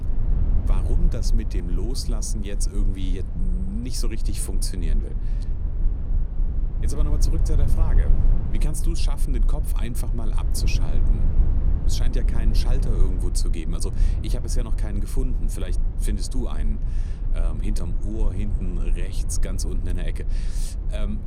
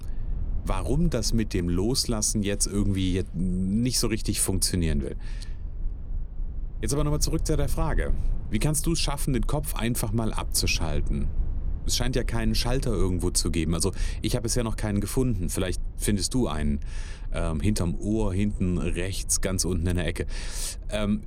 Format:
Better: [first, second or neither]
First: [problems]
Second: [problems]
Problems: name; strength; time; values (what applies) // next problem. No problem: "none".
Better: second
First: low rumble; loud; throughout; 6 dB below the speech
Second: low rumble; faint; throughout; 25 dB below the speech